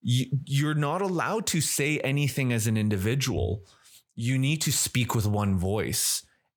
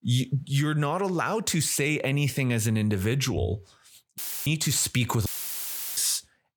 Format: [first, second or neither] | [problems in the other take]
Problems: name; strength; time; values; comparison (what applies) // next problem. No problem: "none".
first | audio cutting out; filled with static; at 4 s and at 5.5 s for 0.5 s